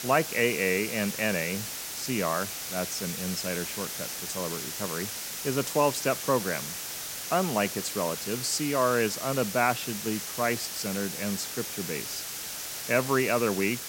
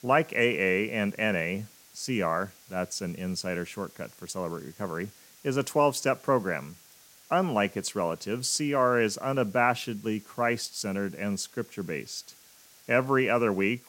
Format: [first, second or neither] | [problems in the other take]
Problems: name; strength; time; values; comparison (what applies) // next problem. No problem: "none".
second | hiss; loud; throughout; 4 dB below the speech; faint in the second